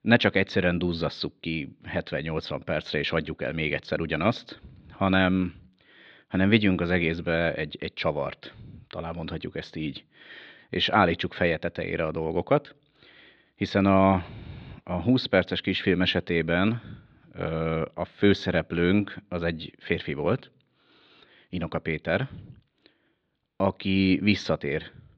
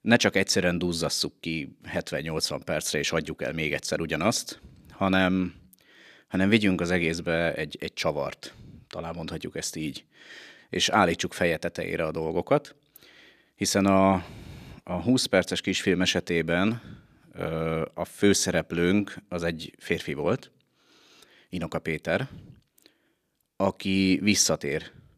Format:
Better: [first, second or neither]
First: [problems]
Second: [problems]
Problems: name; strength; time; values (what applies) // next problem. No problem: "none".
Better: second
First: muffled; slightly; fading above 4 kHz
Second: none